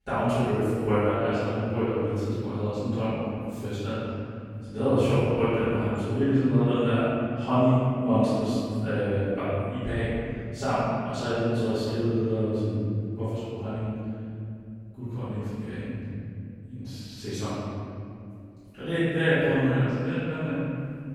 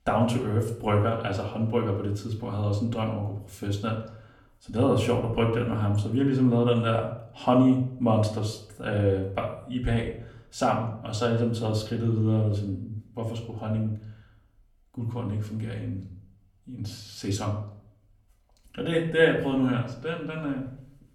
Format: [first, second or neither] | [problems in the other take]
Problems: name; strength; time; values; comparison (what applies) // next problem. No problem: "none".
second | room echo; strong; dies away in 2.5 s; slight in the second // off-mic speech; far; somewhat distant in the second